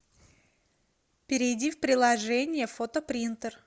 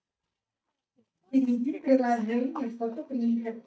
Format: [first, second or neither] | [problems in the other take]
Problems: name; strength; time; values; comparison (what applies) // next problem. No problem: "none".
first | noise reduction (neural mask model DeepFilterNet 3)